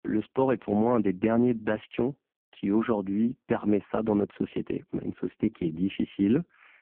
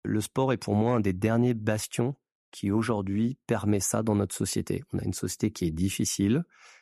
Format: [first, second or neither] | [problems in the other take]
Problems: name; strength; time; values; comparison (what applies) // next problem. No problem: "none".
second | phone-call audio; poor line